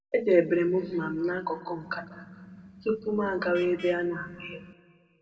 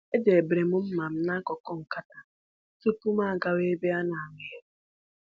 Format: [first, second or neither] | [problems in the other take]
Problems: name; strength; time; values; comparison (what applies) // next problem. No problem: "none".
second | background sound (Vehicle horn, car horn, honking); 19 dB below the speech // room echo; dies away in 1.2 s